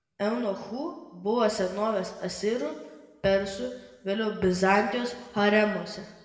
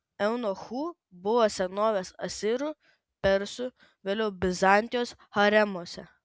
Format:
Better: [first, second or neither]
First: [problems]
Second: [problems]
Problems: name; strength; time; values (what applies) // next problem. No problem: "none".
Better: second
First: room echo; dies away in 1.1 s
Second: none